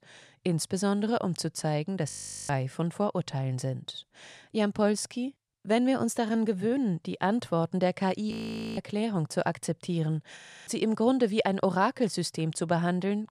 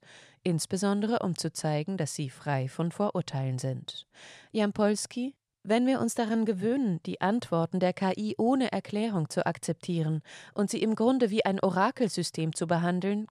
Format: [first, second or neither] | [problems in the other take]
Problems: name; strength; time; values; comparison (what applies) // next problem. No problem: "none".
second | audio freezing; at 2 s, at 8.5 s and at 10 s